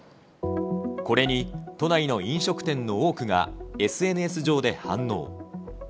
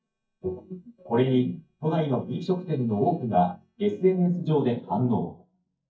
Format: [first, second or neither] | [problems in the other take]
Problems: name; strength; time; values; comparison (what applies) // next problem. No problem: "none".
first | noise reduction (neural mask model DeepFilterNet 3)